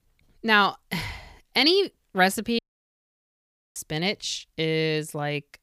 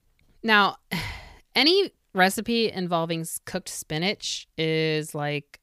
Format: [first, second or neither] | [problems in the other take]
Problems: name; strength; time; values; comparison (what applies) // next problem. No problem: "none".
second | audio cutting out; at 2.5 s for 1 s